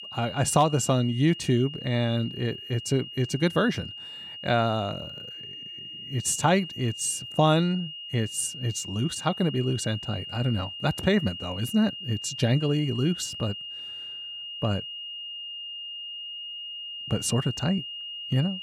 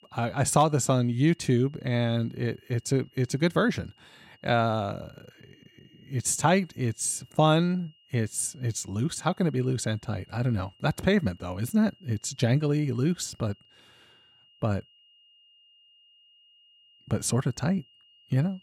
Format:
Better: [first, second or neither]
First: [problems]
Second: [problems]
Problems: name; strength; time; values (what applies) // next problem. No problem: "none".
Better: second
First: high-pitched whine; loud; throughout; 3 kHz, 9 dB below the speech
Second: high-pitched whine; faint; throughout; 3 kHz, 30 dB below the speech